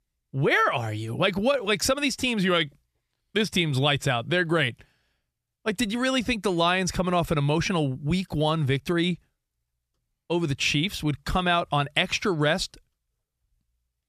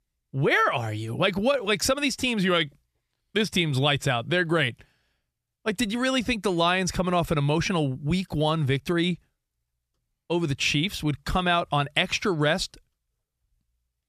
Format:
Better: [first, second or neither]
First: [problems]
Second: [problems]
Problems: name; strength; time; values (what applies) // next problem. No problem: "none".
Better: neither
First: none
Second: none